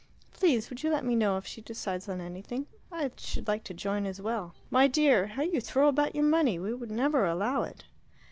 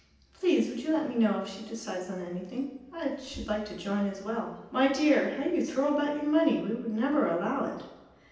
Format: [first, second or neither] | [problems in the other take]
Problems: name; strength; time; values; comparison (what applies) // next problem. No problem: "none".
first | room echo; dies away in 0.9 s